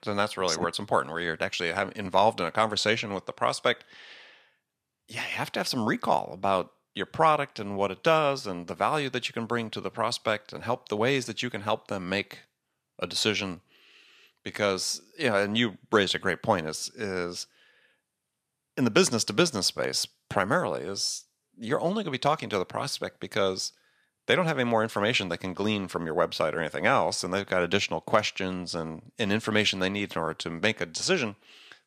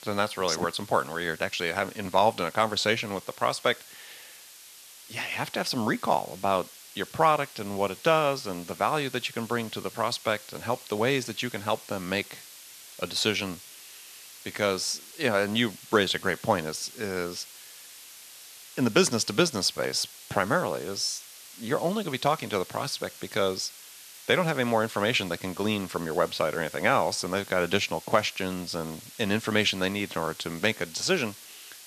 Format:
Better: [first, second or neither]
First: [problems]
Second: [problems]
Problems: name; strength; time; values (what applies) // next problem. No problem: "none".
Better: first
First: none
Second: hiss; noticeable; throughout; 15 dB below the speech